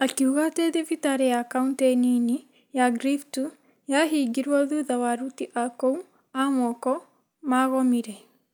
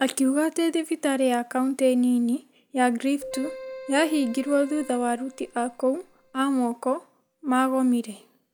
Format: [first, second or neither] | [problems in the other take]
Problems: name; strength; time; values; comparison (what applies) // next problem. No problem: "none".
first | background sound (Keyboard (musical) + Keyboard (musical)); 20 dB below the speech